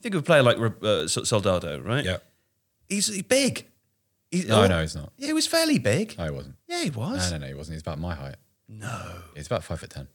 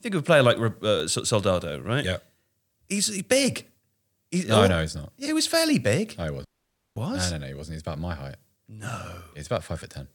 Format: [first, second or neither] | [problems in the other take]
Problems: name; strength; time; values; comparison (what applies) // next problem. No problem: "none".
first | audio cutting out; at 6.5 s for 0.5 s